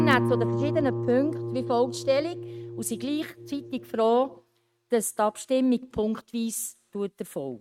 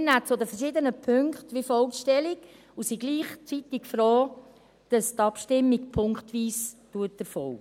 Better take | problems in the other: second | noise reduction (neural mask model RNNoise)

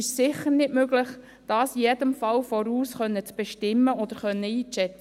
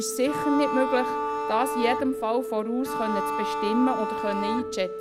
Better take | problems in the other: first | background sound (Bowed string instrument + Organ); 2 dB below the speech

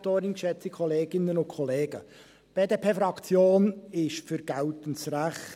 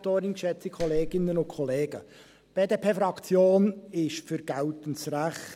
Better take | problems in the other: first | background sound (Clapping); 9 dB below the speech

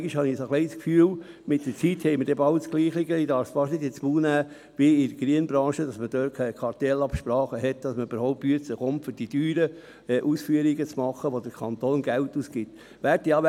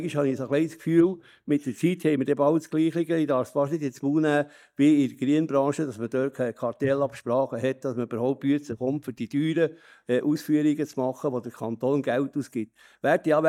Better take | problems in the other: first | noise reduction (neural mask model DeepFilterNet 3)

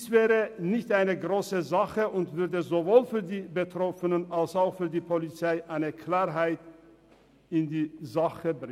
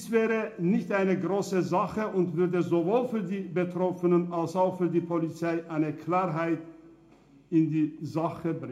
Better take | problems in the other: first | room echo; dies away in 0.3 s

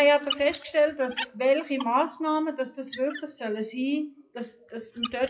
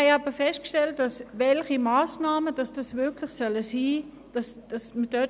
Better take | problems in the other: second | noise reduction (classical method WPE with log-MMSE)

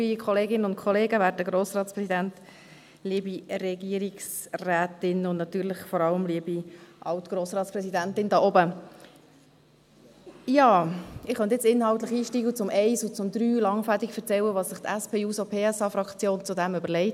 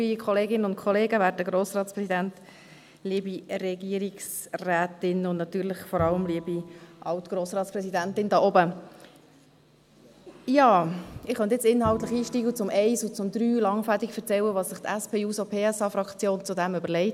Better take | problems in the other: first | background sound (Bowed string instrument); 17 dB below the speech

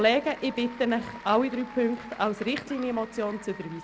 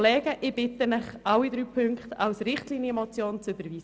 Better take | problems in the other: second | background sound (Applause / Crowd + Alarm / Dog); 17 dB below the speech

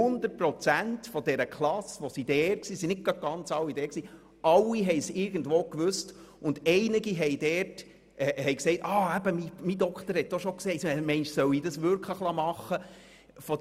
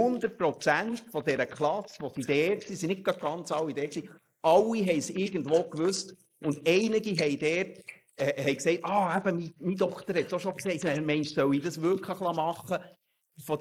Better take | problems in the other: first | noise reduction (neural mask model Resemble Enhance denoiser)

